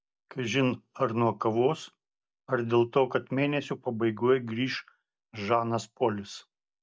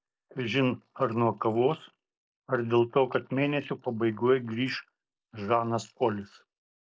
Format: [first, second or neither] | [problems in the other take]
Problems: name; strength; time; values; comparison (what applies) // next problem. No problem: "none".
first | noise reduction (neural mask model Resemble Enhance denoiser)